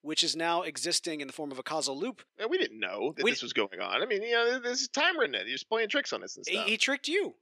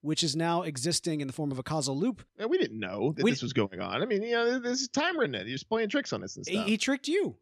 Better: second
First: thin; somewhat; fading below 450 Hz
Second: none

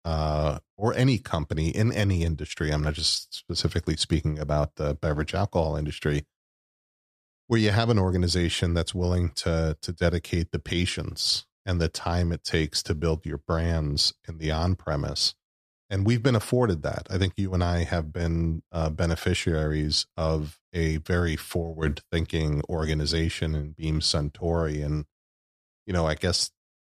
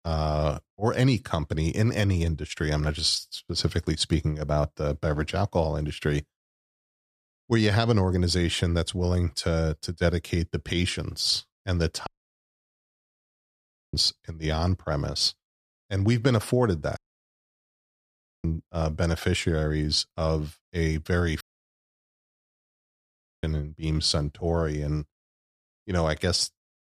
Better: first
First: none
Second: audio cutting out; at 12 s for 2 s, at 17 s for 1.5 s and at 21 s for 2 s

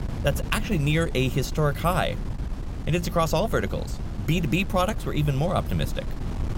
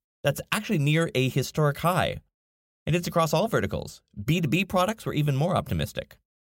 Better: second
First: wind noise on the microphone; occasional gusts; 15 dB below the speech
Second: none

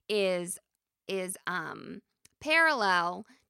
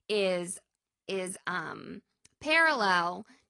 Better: first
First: none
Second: garbled, watery; slightly; nothing above 10 kHz

